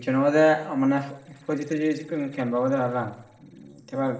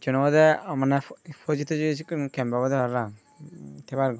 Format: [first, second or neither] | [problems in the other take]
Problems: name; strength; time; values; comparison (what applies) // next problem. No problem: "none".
second | noise reduction (neural separator model SepFormer DNS4)